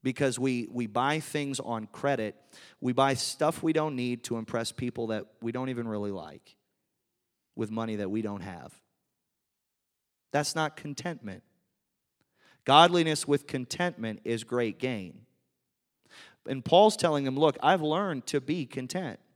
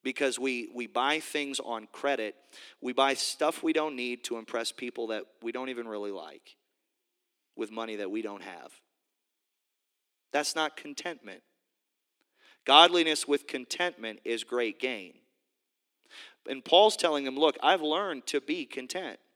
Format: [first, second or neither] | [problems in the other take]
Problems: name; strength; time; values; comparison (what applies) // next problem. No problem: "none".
first | thin; very slightly; fading below 300 Hz